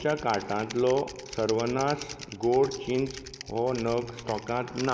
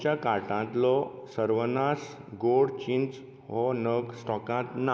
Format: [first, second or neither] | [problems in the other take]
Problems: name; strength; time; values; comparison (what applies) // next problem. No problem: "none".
second | background sound (Typing); 15 dB below the speech